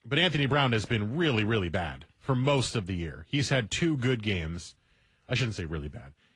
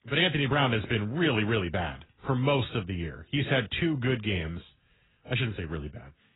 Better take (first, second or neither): first